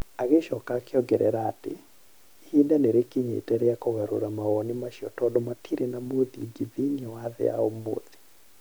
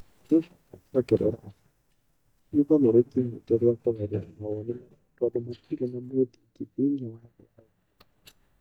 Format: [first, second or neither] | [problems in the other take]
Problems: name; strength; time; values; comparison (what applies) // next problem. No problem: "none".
first | noise reduction (neural mask model DeepFilterNet 3)